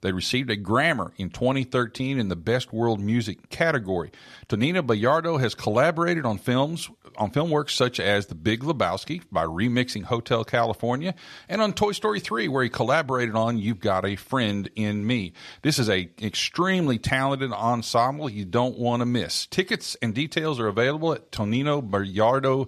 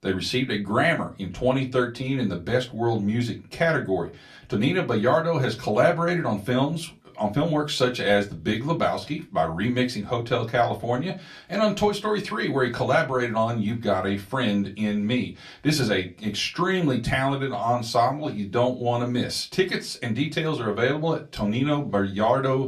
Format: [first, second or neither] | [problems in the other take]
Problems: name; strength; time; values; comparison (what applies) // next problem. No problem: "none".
first | off-mic speech; far // room echo; very slight; dies away in 0.2 s